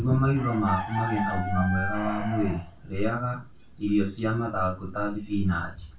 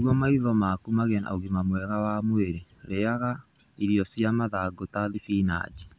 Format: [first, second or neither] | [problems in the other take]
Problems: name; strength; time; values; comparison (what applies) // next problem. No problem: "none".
second | background sound (Chicken, rooster); 10 dB below the speech // room echo; dies away in 0.2 s